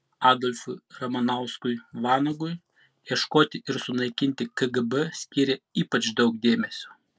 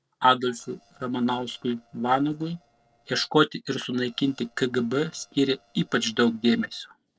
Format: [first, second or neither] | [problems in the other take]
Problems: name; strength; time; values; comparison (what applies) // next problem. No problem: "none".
first | noise reduction (neural separator model SepFormer DNS4)